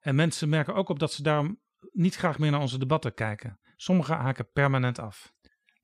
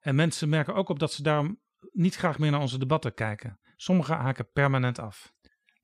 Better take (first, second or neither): neither